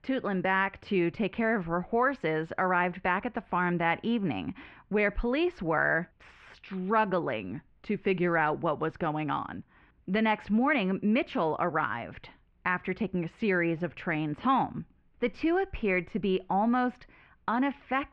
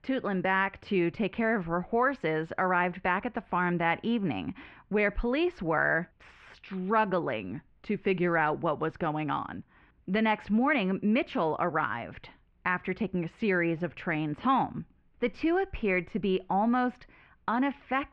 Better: neither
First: muffled; very; fading above 2.5 kHz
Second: muffled; very; fading above 2.5 kHz

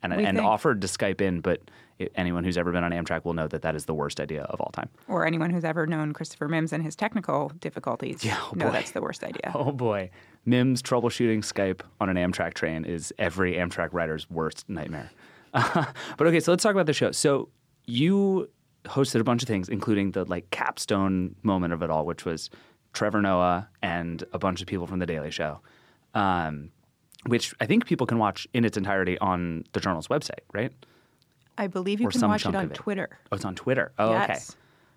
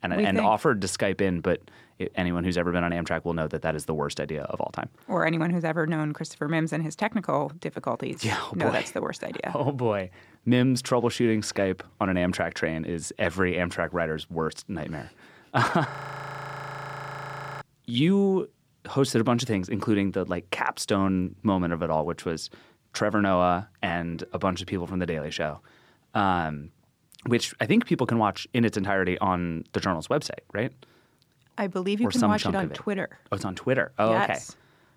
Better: first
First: none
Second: audio freezing; at 16 s for 1.5 s

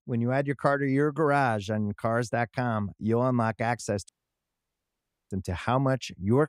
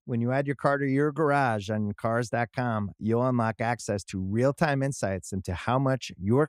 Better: second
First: audio cutting out; at 4 s for 1 s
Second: none

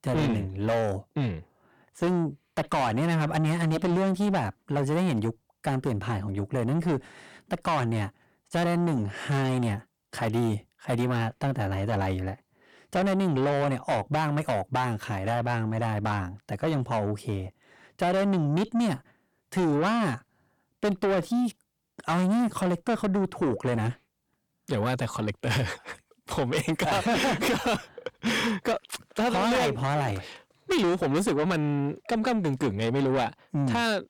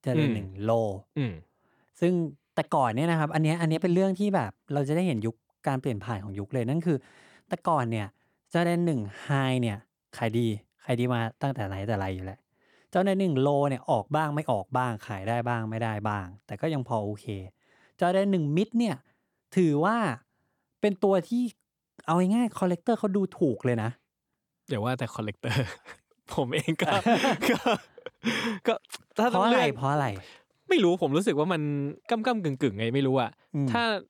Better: second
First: distortion; heavy; 7 dB below the speech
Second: none

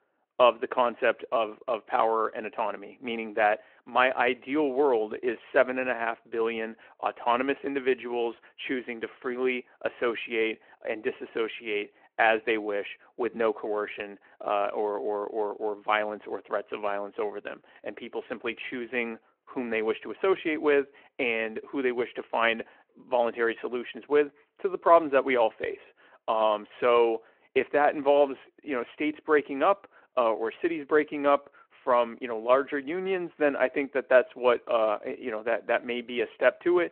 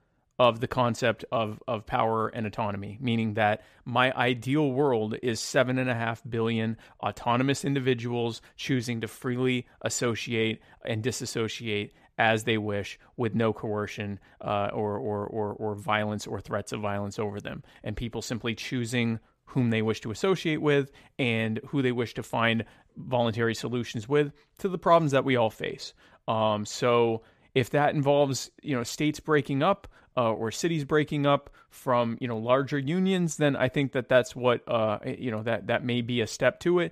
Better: second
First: phone-call audio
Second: none

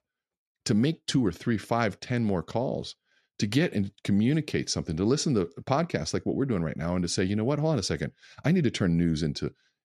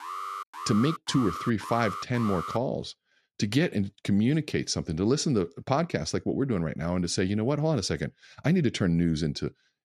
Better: first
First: none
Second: alarm; noticeable; until 2.5 s; peak 7 dB below the speech

